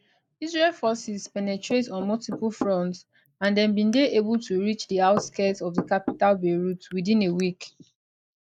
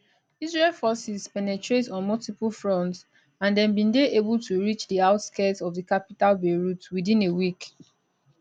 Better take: second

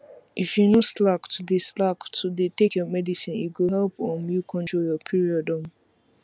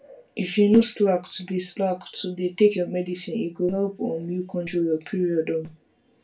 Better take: first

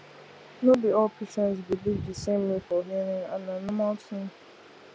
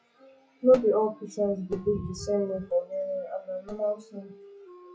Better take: first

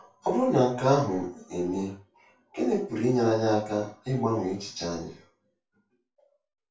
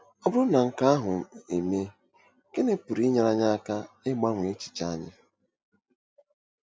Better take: second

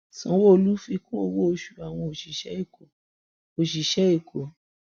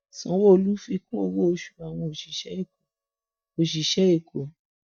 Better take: first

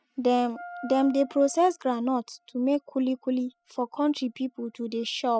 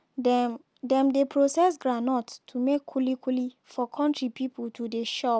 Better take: second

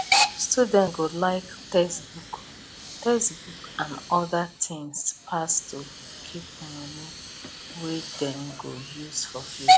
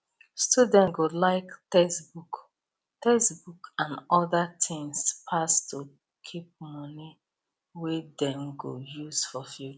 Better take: second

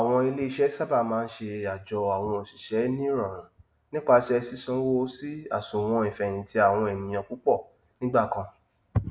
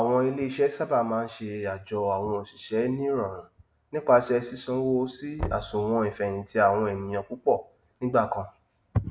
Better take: first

